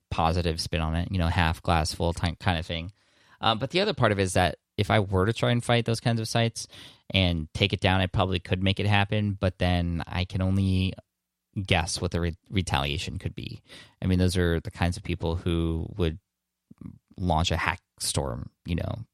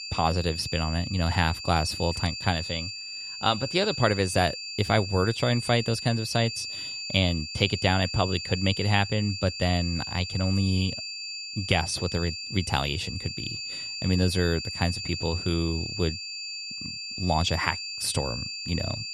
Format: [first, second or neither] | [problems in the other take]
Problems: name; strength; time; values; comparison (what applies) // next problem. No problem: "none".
first | high-pitched whine; loud; throughout; 4.5 kHz, 6 dB below the speech